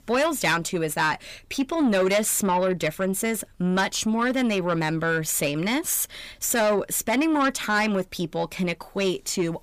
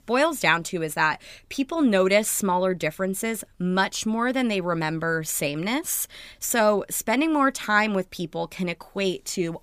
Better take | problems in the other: second | distortion; slight; 10 dB below the speech

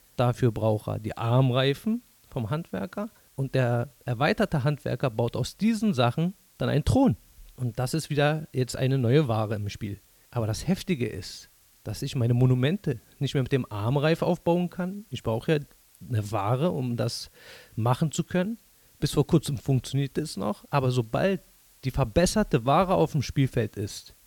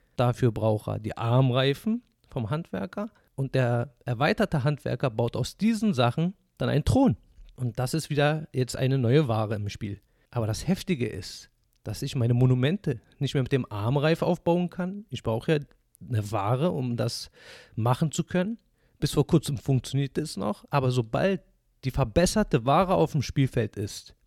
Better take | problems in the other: second | hiss; faint; throughout; 30 dB below the speech

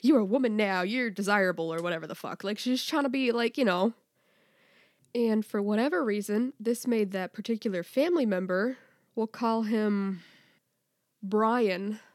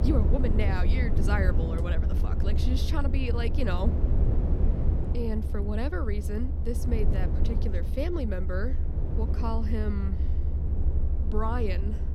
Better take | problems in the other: first | low rumble; loud; throughout; 6 dB below the speech

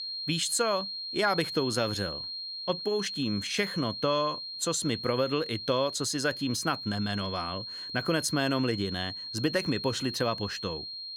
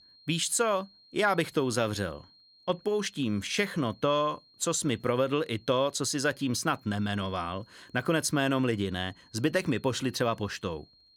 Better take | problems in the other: second | high-pitched whine; loud; throughout; 4 kHz, 5 dB below the speech; faint in the second

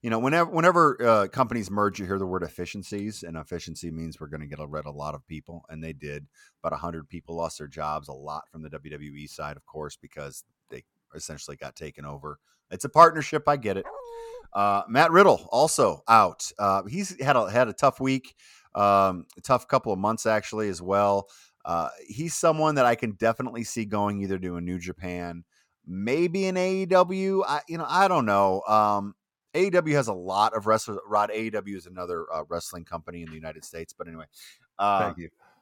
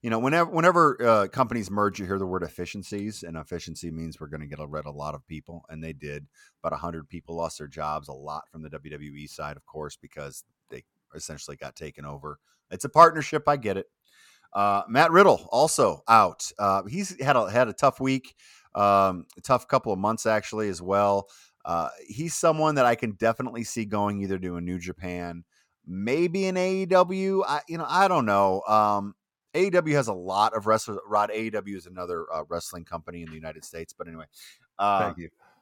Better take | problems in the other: second | dog barking; faint; at 14 s; peak 15 dB below the speech

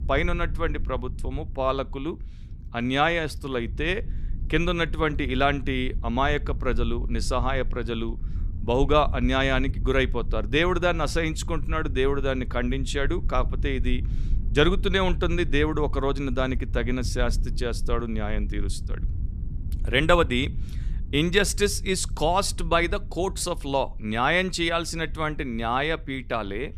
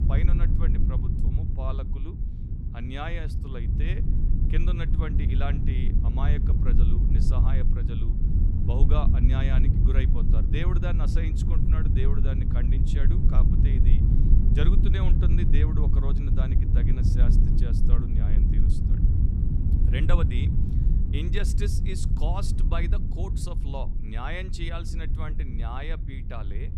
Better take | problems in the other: first | low rumble; loud; throughout; 2 dB below the speech; faint in the first

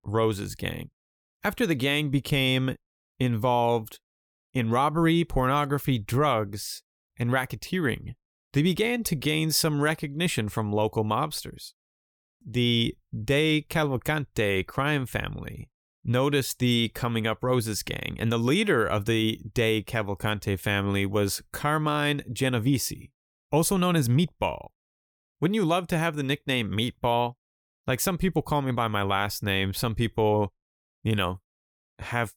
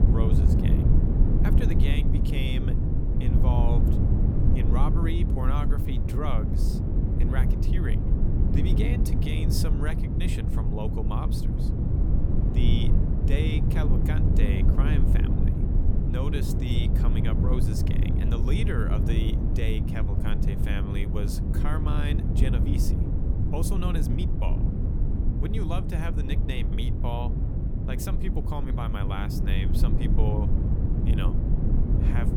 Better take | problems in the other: first | low rumble; loud; throughout; as loud as the speech

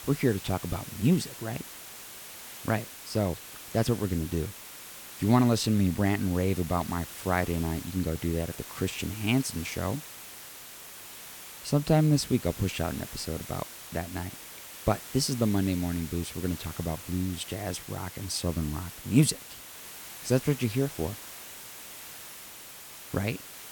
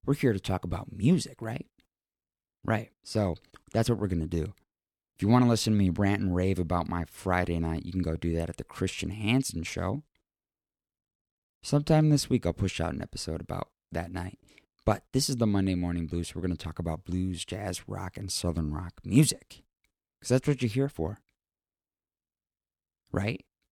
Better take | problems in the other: second | hiss; noticeable; throughout; 10 dB below the speech

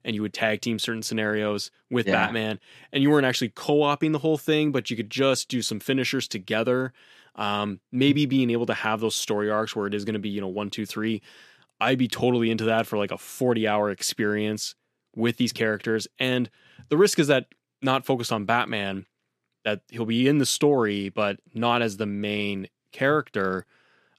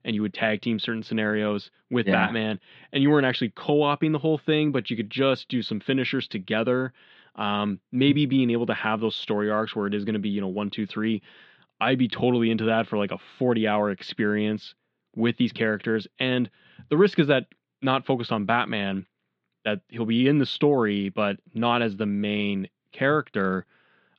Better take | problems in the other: first | muffled; slightly; fading above 3.5 kHz

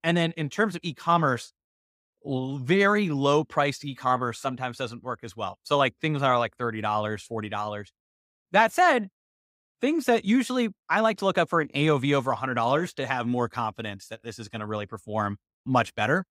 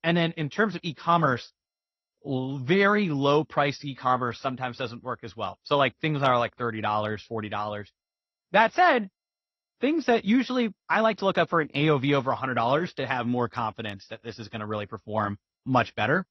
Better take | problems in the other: first | garbled, watery; slightly; nothing above 5.5 kHz

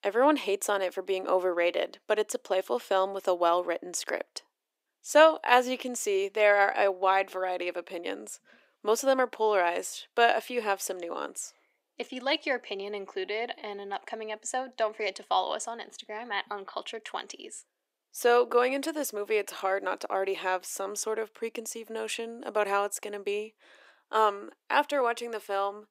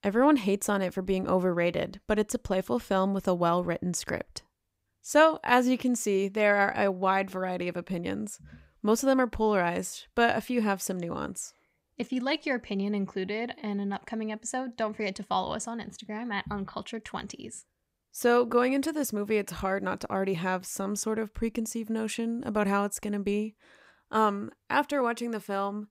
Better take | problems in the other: second | thin; somewhat; fading below 300 Hz

